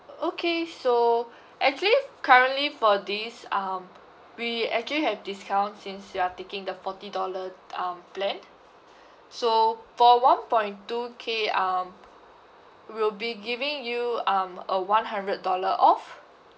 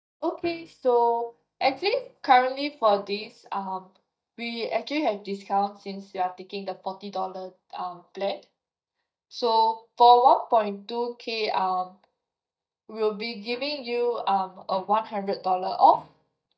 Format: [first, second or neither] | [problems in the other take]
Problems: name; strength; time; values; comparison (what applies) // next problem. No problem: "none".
first | noise reduction (neural mask model DeepFilterNet 3)